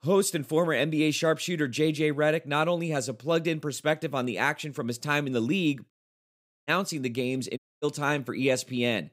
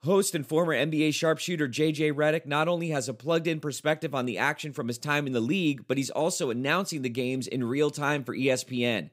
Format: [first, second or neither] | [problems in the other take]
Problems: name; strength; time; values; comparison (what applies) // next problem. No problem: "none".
second | audio cutting out; at 6 s for 1 s and at 7.5 s